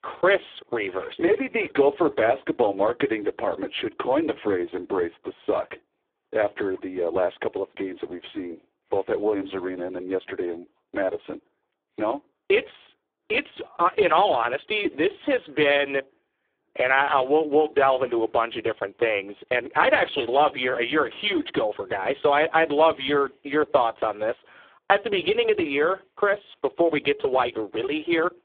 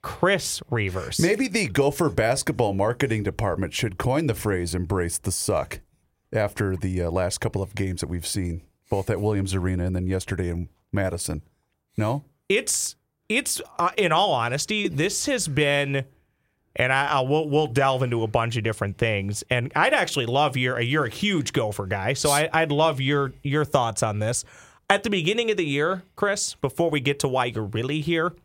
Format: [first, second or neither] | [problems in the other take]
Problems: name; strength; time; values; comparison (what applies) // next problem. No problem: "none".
second | phone-call audio; poor line; nothing above 3.5 kHz